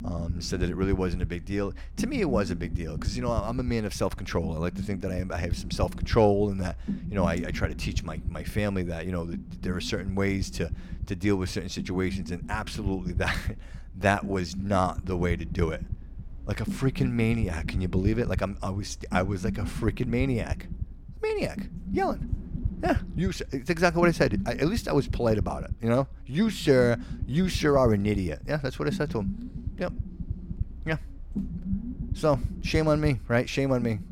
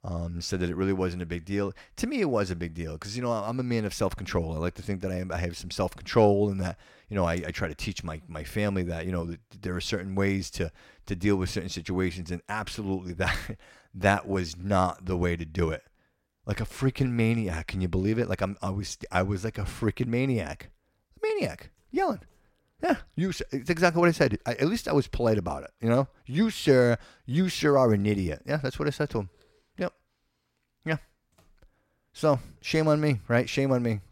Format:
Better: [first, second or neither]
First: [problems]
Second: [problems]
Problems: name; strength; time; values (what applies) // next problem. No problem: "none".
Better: second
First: low rumble; noticeable; throughout; 15 dB below the speech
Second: none